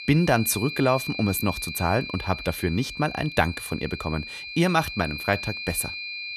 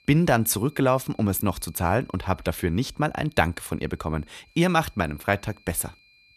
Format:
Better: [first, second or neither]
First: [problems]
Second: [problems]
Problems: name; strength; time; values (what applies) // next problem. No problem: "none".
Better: second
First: high-pitched whine; loud; throughout; 2.5 kHz, 8 dB below the speech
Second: high-pitched whine; faint; throughout; 2.5 kHz, 30 dB below the speech